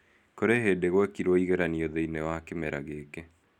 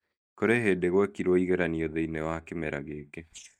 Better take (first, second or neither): first